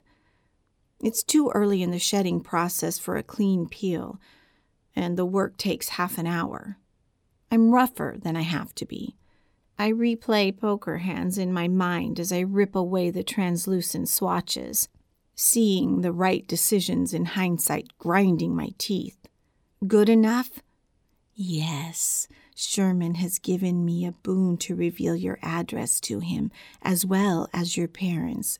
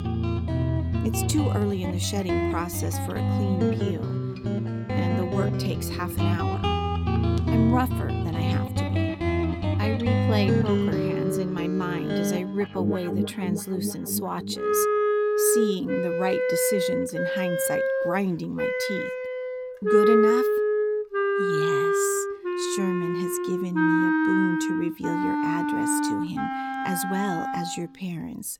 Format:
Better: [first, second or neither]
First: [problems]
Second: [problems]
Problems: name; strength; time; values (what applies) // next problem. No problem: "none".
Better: first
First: none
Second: background music; very loud; throughout; 4 dB above the speech